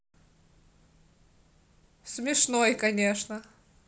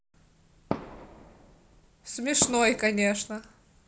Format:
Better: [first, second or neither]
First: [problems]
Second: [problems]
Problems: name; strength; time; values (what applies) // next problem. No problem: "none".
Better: first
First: none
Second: background sound (Fireworks); 9 dB below the speech